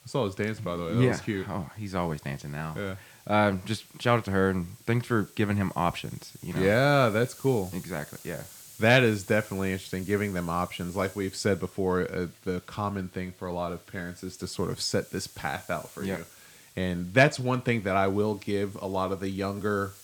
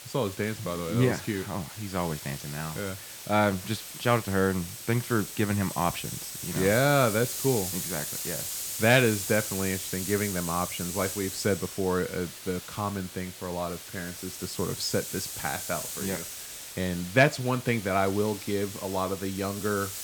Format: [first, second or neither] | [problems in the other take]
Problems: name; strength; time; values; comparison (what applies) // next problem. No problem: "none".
first | hiss; loud; throughout; 7 dB below the speech; faint in the first